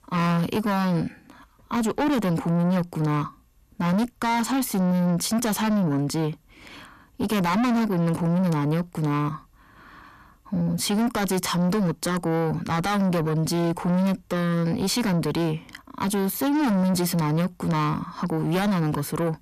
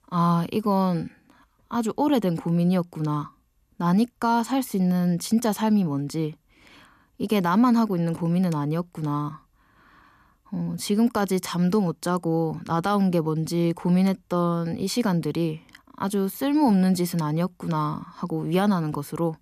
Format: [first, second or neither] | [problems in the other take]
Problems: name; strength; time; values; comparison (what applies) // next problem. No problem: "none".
second | distortion; heavy; 7 dB below the speech